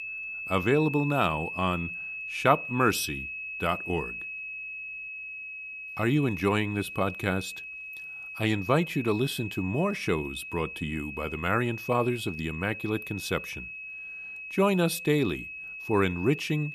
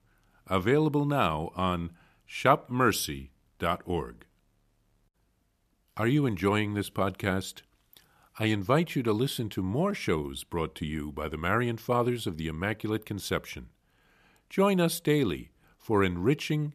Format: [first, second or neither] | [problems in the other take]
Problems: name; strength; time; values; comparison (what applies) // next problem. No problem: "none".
second | high-pitched whine; loud; throughout; 2.5 kHz, 8 dB below the speech